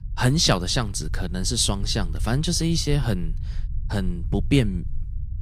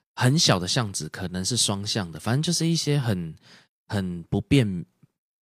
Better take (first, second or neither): second